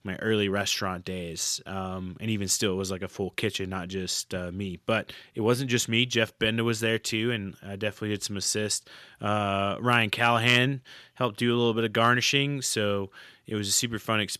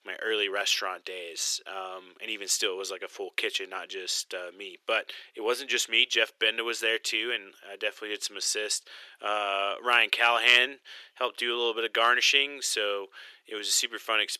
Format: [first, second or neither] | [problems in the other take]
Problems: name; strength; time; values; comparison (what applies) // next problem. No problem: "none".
first | thin; very; fading below 350 Hz